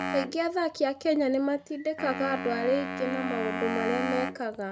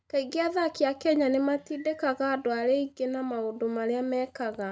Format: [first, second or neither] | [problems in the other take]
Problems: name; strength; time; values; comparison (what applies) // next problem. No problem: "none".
second | background sound (Wind instrument, woodwind instrument); 6 dB below the speech